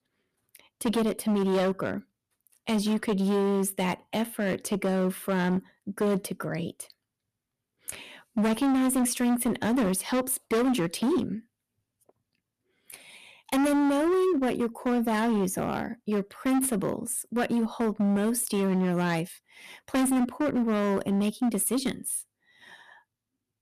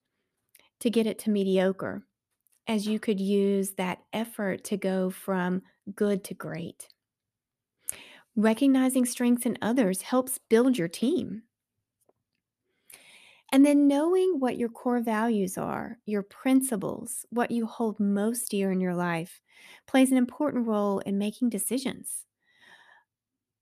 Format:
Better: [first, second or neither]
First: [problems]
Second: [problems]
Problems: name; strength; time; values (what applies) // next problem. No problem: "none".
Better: second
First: distortion; heavy; 15% of the sound clipped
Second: none